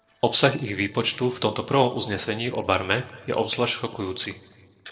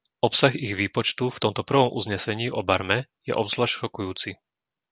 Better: second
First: noise reduction (neural separator model SepFormer DNS4)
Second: none

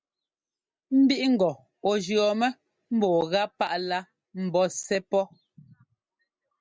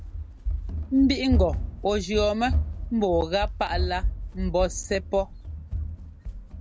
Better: first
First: none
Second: background sound (Run); 3 dB below the speech

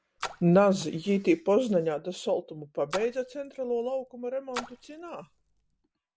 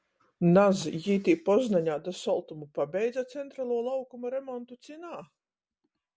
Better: second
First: background sound (Splash, splatter); 16 dB below the speech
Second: none

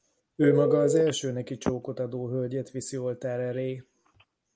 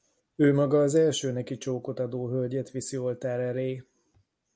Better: second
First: background sound (Telephone); 4 dB below the speech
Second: none

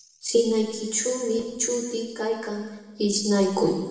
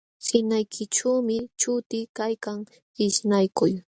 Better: second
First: room echo; dies away in 1.2 s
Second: none

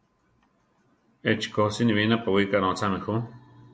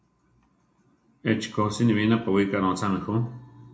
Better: first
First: none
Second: room echo; dies away in 0.3 s

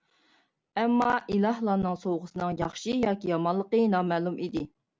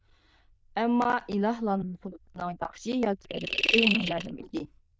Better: first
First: none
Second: noise reduction (neural diffusion model UNIVERSE++)

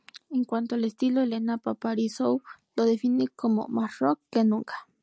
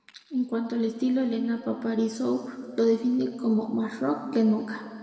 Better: first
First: none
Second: room echo; dies away in 2.1 s

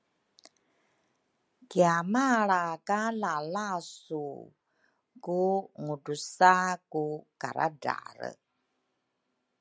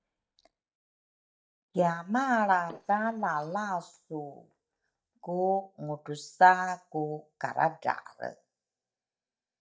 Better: first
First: none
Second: noise reduction (neural mask model DeepFilterNet 3)

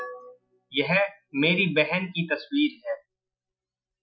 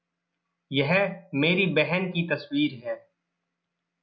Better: second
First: noise reduction (classical method Wiener filter)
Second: none

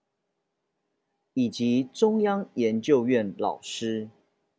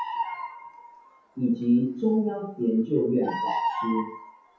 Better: first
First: none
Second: noise reduction (classical method WPE with log-MMSE)

